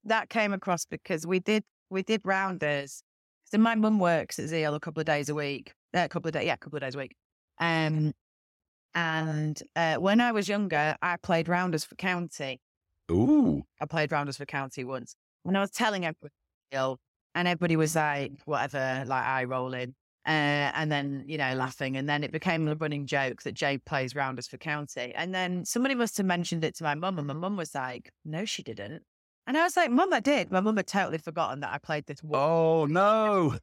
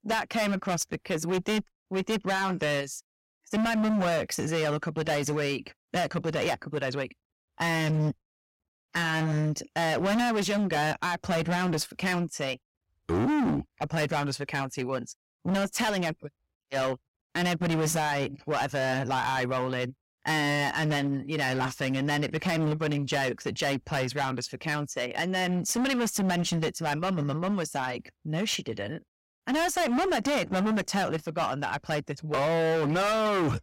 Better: first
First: none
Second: distortion; heavy; 19% of the sound clipped

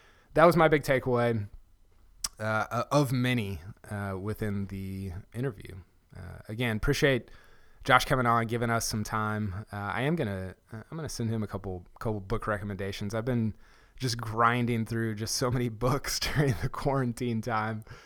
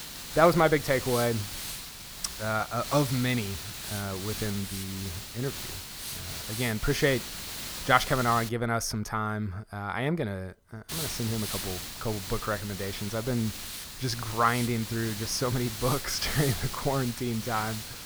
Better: first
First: none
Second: hiss; loud; until 8.5 s and from 11 s on; 7 dB below the speech

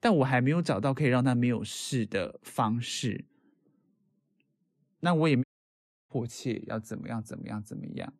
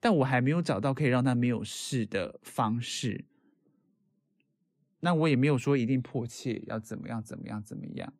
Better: second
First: audio cutting out; at 5.5 s for 0.5 s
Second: none

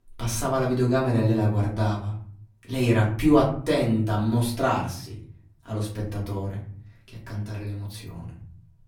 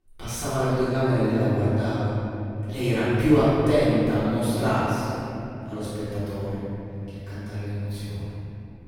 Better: first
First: room echo; slight; dies away in 0.7 s // off-mic speech; far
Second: room echo; strong; dies away in 3 s // off-mic speech; far

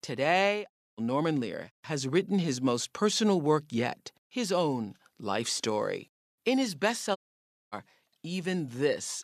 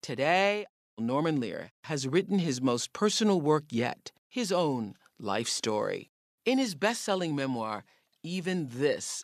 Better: second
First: audio cutting out; at 7 s for 0.5 s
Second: none

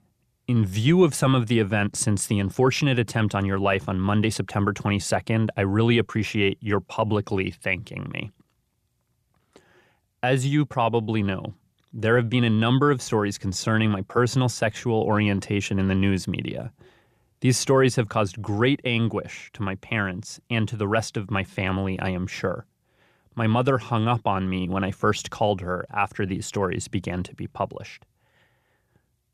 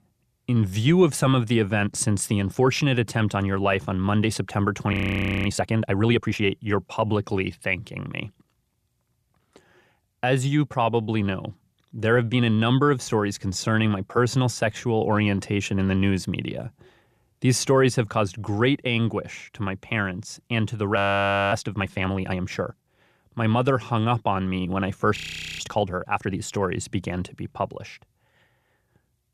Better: first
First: none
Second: audio freezing; at 5 s for 0.5 s, at 21 s for 0.5 s and at 25 s

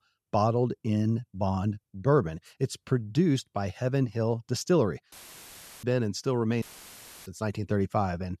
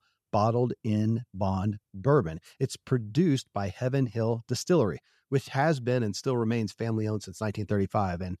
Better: second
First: audio cutting out; filled with static; at 5 s for 0.5 s and at 6.5 s for 0.5 s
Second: none

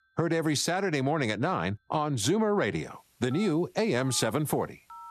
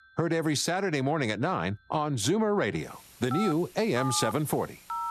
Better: first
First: alarms or sirens; faint; throughout; 20 dB below the speech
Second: alarms or sirens; loud; throughout; 8 dB below the speech

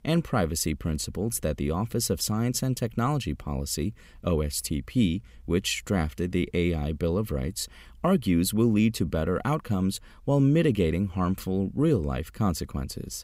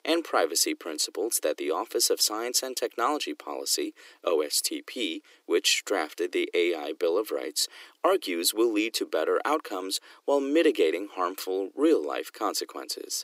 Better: first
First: none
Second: thin; very; fading below 300 Hz

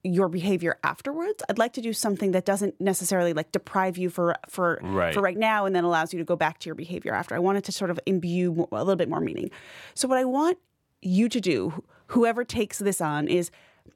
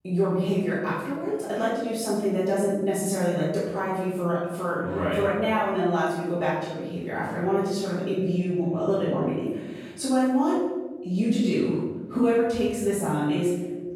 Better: first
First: none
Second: off-mic speech; far // room echo; strong; dies away in 1.3 s

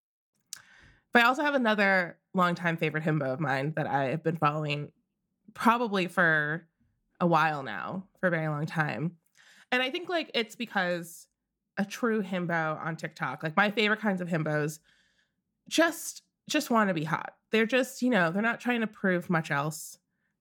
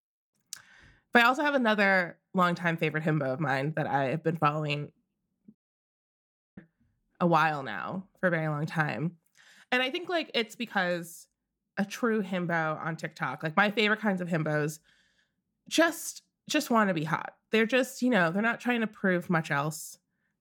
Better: first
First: none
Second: audio cutting out; at 5.5 s for 1 s

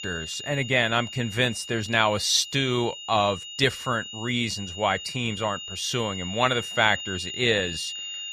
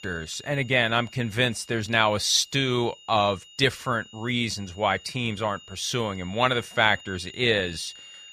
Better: second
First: high-pitched whine; loud; throughout; 3 kHz, 10 dB below the speech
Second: high-pitched whine; faint; throughout; 3 kHz, 20 dB below the speech

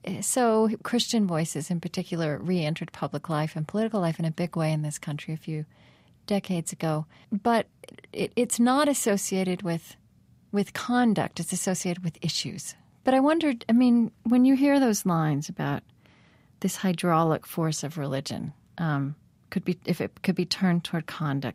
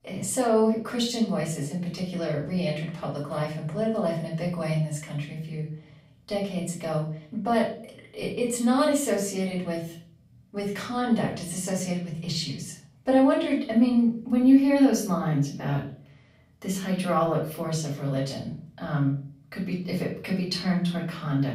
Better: first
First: none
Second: room echo; slight; dies away in 0.4 s // off-mic speech; far

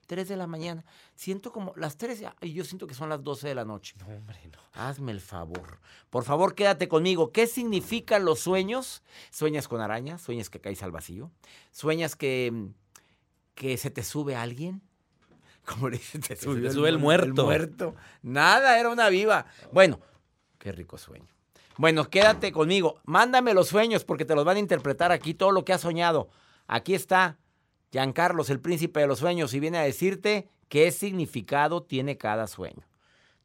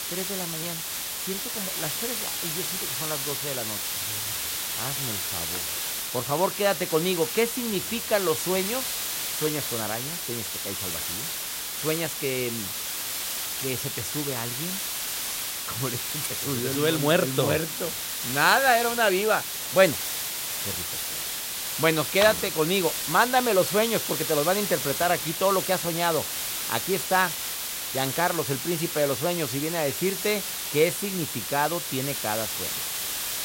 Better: first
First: none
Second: hiss; loud; throughout; 2 dB below the speech

